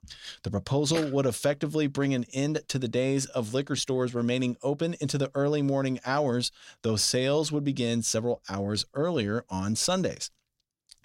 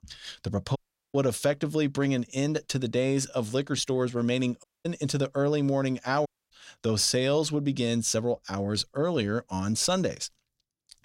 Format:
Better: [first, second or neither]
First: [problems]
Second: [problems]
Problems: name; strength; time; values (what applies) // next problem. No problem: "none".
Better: first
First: none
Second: audio cutting out; at 1 s, at 4.5 s and at 6.5 s